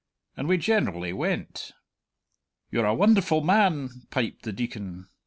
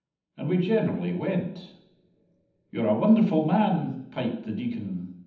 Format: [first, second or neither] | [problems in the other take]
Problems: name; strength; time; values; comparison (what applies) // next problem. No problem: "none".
first | room echo; dies away in 0.8 s